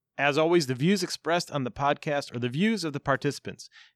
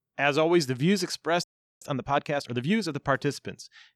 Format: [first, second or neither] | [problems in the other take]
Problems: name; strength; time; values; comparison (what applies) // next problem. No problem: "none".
first | audio freezing; at 1.5 s